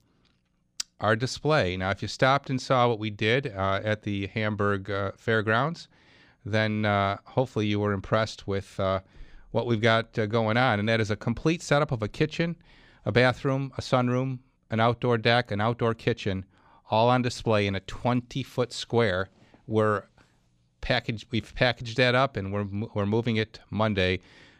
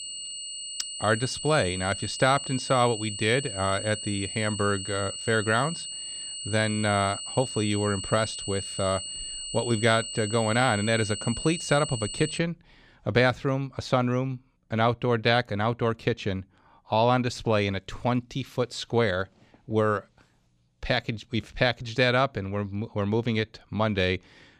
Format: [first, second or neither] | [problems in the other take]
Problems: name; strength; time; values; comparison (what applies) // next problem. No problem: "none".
first | high-pitched whine; loud; until 12 s; 3 kHz, 7 dB below the speech